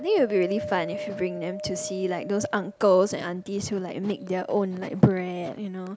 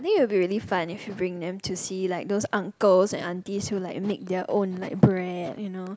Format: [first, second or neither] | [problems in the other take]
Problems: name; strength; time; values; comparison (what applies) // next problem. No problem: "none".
second | background sound (Wind); 13 dB below the speech